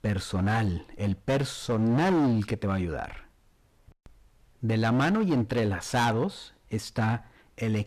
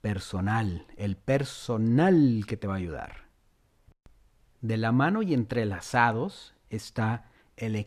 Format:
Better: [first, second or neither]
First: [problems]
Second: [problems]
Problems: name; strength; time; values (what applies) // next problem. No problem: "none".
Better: second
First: distortion; heavy; 12% of the sound clipped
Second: none